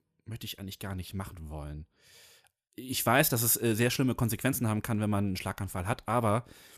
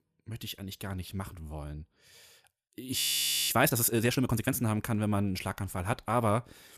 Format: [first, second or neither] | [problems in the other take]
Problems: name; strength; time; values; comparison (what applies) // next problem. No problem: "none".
first | audio freezing; at 3 s for 0.5 s